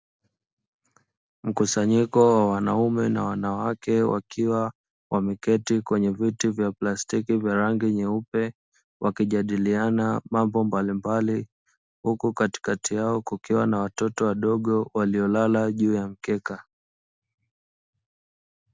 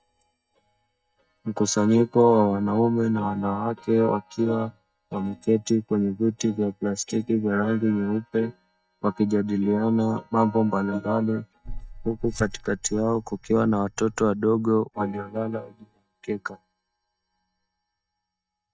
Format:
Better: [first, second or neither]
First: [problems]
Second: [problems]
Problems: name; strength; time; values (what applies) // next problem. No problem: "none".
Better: first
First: none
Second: noise reduction (neural mask model DeepFilterNet 3)